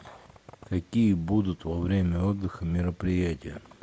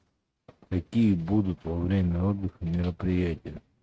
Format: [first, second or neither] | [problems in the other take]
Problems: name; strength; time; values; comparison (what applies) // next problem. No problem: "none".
first | noise reduction (neural mask model RNNoise)